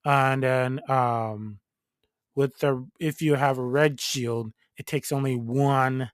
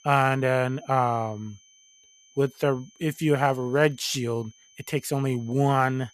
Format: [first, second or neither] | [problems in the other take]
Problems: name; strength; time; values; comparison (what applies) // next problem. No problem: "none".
first | high-pitched whine; faint; throughout; 6 kHz, 30 dB below the speech